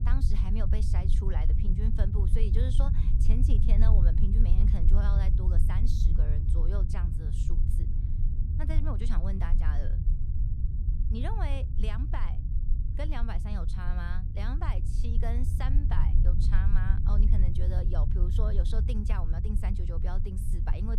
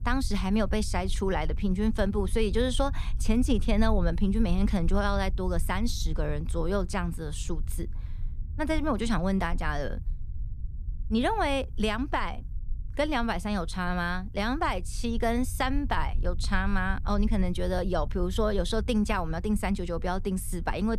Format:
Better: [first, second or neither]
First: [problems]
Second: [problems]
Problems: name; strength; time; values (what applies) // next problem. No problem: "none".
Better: second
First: low rumble; loud; throughout; 3 dB below the speech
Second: low rumble; faint; throughout; 25 dB below the speech